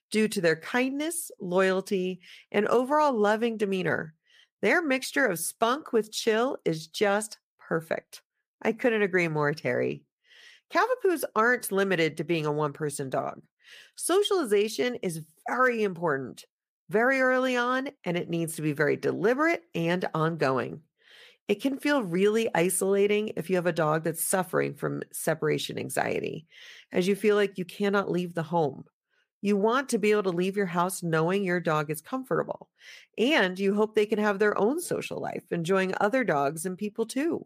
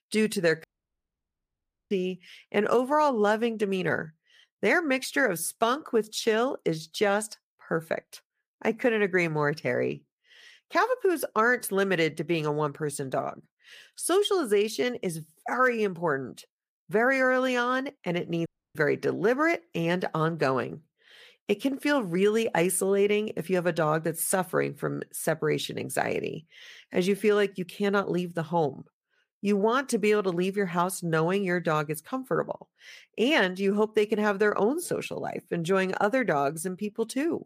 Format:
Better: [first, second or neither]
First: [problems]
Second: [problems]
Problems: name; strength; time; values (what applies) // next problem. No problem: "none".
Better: first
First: none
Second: audio cutting out; at 0.5 s for 1.5 s and at 18 s